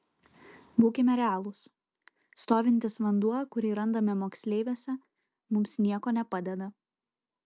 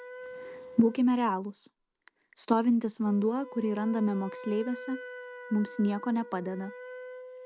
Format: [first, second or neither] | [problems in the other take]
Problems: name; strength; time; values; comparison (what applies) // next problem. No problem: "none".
first | background sound (Wind instrument, woodwind instrument); 15 dB below the speech